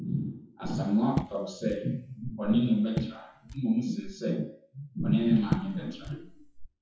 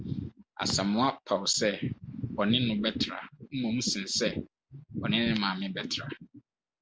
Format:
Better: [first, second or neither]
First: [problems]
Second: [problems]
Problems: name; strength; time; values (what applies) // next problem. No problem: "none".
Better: second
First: noise reduction (classical method WPE with log-MMSE)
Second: none